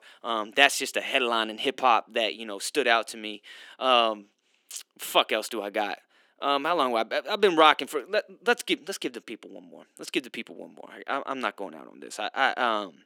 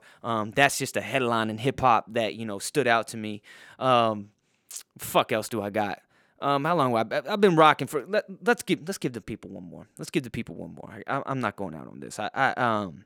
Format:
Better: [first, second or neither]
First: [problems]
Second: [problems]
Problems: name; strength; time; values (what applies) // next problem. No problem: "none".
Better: second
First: thin; very slightly; fading below 250 Hz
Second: none